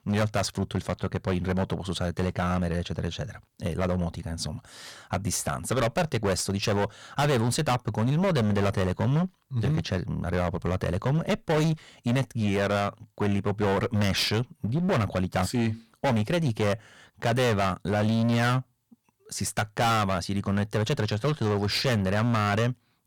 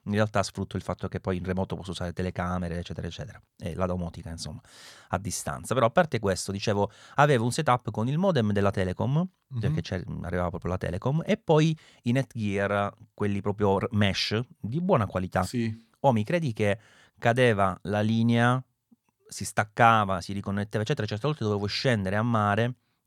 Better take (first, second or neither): second